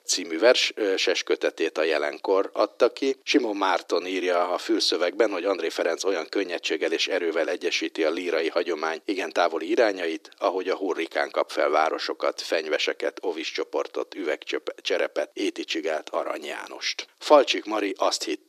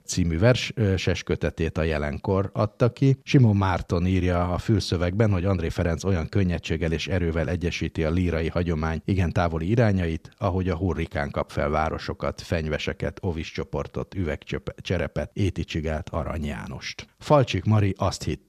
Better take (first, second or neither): second